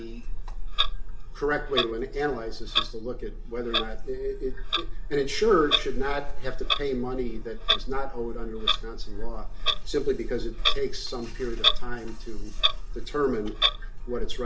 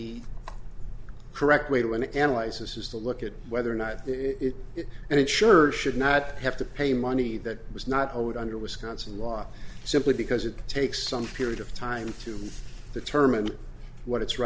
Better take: second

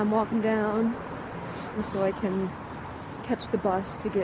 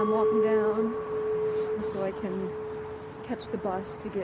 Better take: first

